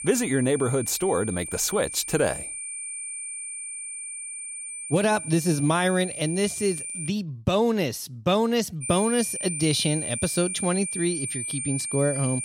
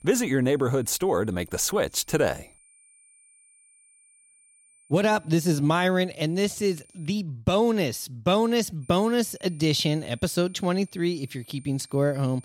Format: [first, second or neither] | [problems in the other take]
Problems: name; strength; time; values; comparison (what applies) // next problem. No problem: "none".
second | high-pitched whine; loud; until 7 s and from 9 s on; 9 kHz, 6 dB below the speech; faint in the second